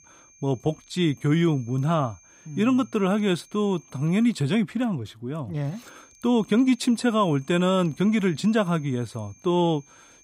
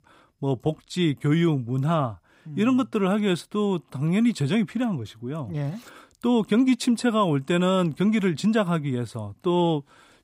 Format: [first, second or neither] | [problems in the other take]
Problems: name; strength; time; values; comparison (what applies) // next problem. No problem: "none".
second | high-pitched whine; faint; until 4.5 s and from 5.5 s on; 6.5 kHz, 30 dB below the speech